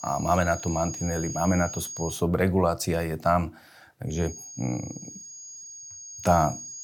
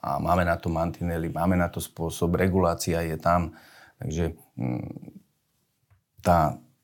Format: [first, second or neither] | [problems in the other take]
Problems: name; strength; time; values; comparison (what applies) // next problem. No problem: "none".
second | high-pitched whine; noticeable; until 2 s and from 4 s on; 6.5 kHz, 10 dB below the speech